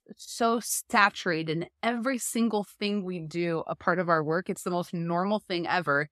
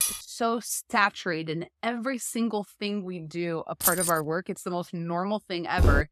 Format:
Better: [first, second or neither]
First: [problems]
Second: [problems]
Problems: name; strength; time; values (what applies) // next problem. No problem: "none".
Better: first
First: none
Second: clattering dishes; loud; at the start; peak 2 dB above the speech // jangling keys; loud; at 4 s; peak 5 dB above the speech // footsteps; very faint; at 6 s; peak 5 dB above the speech